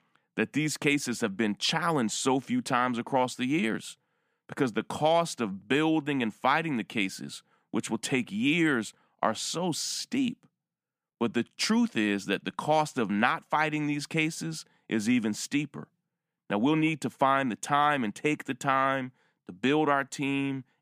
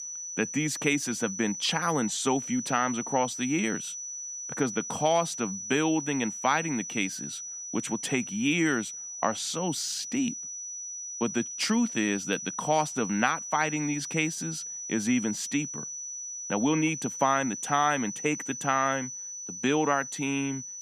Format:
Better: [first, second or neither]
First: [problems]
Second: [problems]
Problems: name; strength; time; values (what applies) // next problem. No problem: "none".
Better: first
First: none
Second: high-pitched whine; loud; throughout; 6 kHz, 7 dB below the speech